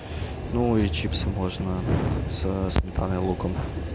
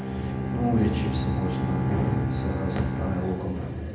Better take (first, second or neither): first